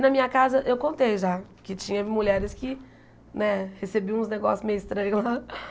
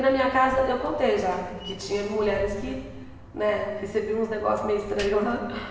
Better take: first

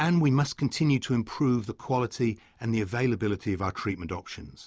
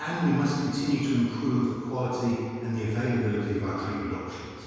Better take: first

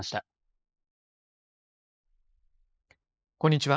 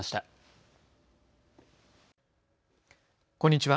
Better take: second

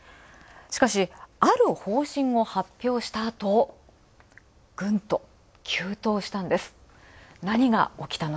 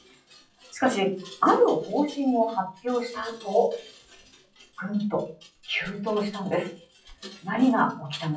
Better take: first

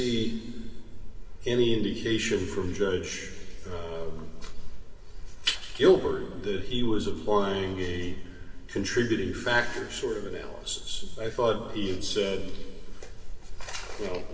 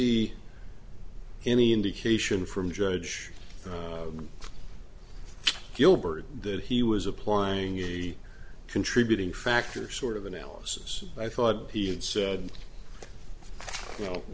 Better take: second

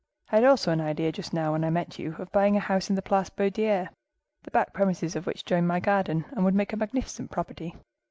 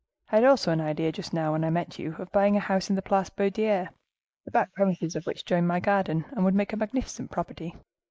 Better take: first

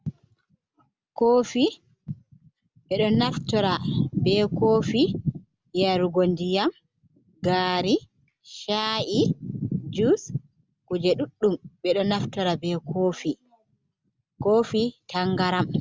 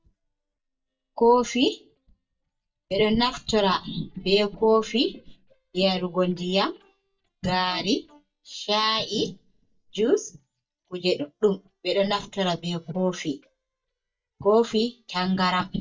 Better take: first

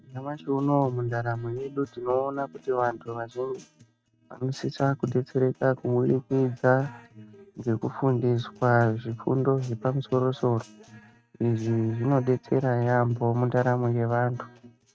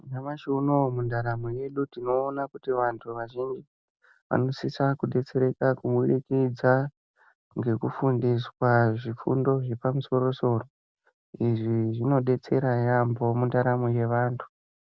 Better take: second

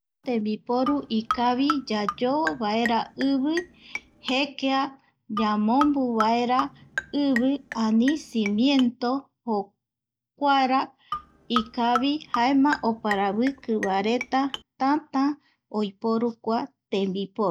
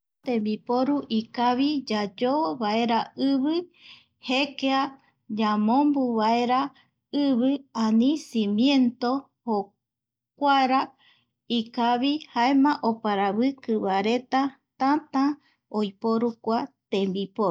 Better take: second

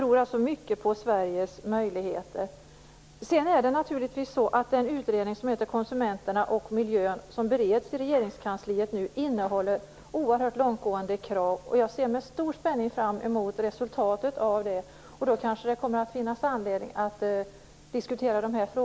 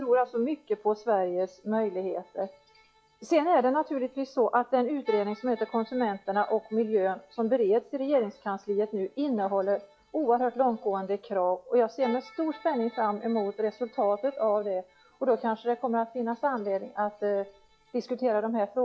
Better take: first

